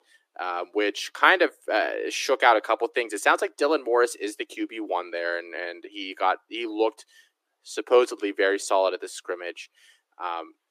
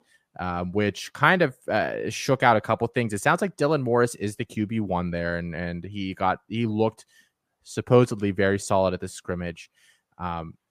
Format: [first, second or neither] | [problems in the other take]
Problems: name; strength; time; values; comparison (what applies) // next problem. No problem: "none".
second | thin; very; fading below 300 Hz